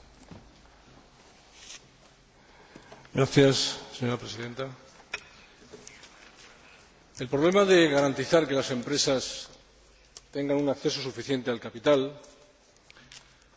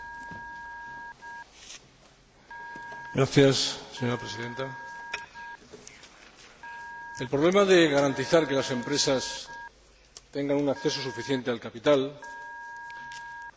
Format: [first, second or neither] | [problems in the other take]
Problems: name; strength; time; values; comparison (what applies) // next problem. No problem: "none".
first | background sound (Telephone); 15 dB below the speech